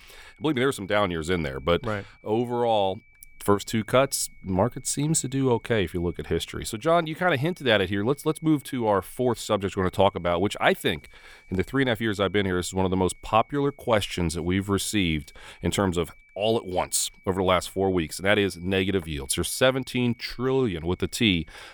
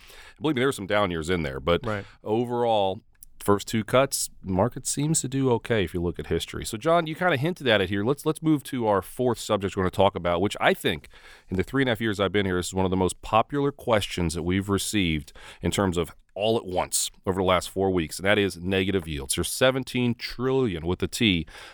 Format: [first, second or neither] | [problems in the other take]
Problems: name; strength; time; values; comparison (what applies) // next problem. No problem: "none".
second | high-pitched whine; faint; throughout; 2 kHz, 30 dB below the speech